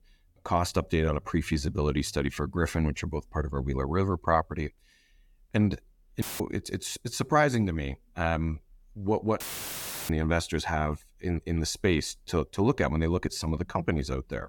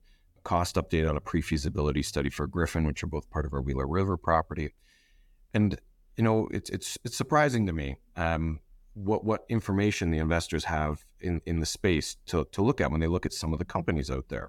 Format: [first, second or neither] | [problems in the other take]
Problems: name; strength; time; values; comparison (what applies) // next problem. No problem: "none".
second | audio cutting out; filled with static; at 6 s and at 9.5 s for 0.5 s